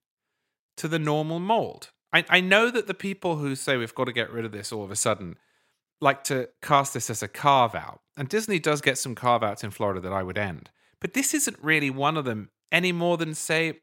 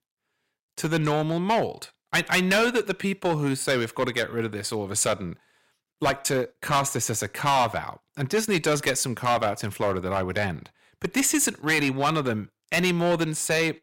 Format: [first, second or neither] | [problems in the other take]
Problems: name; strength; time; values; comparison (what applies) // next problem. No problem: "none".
first | distortion; heavy; 7% of the sound clipped